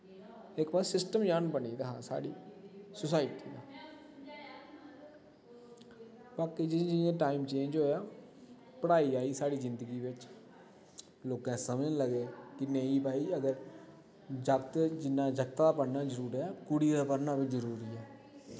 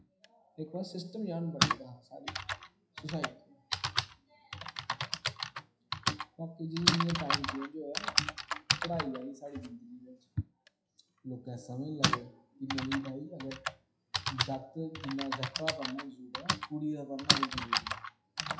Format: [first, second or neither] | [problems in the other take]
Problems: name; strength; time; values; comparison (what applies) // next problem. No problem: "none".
first | noise reduction (classical method WPE with log-MMSE)